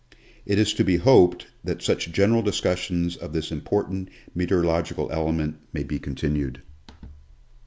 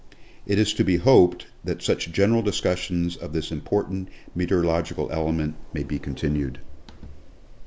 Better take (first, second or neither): first